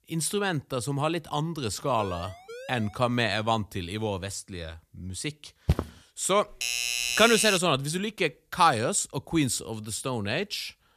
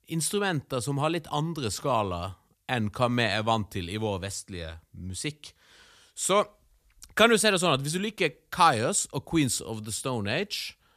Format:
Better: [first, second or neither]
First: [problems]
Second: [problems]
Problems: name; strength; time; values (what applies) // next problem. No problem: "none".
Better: second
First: siren; faint; from 2 to 3 s; peak 15 dB below the speech // footsteps; noticeable; at 5.5 s; peak 2 dB below the speech // doorbell; loud; from 6.5 to 7.5 s; peak 1 dB above the speech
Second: none